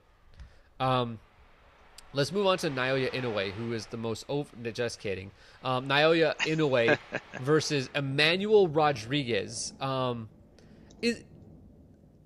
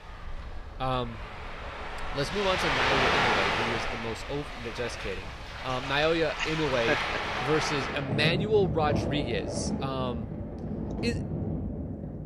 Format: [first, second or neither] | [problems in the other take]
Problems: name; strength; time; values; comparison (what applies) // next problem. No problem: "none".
first | rain or running water; loud; throughout; as loud as the speech; faint in the first